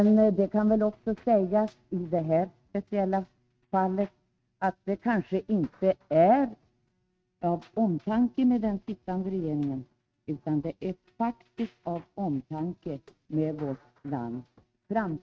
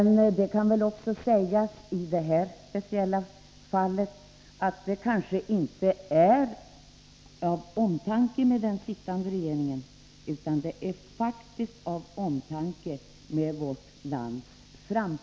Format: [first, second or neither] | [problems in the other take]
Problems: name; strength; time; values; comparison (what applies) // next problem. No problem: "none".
second | noise reduction (neural mask model RNNoise)